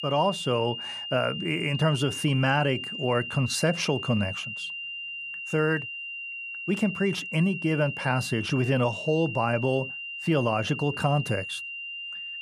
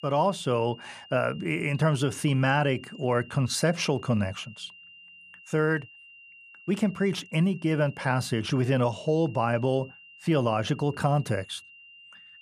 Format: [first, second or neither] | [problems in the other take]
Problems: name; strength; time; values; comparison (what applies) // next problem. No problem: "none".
second | high-pitched whine; loud; throughout; 3 kHz, 7 dB below the speech; faint in the second